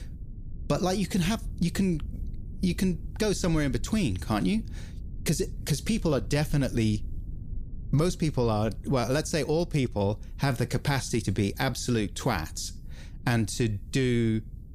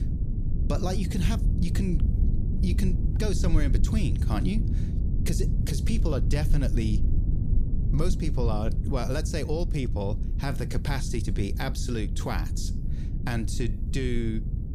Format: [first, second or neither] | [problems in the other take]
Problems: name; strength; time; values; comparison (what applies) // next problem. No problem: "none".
first | low rumble; loud; throughout; 7 dB below the speech; faint in the first